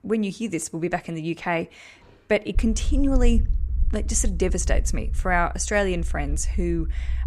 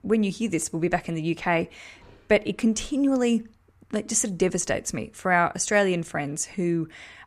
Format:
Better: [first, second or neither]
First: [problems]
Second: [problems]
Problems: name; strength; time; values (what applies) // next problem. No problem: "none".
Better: second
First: low rumble; faint; from 2.5 s on; 25 dB below the speech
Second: none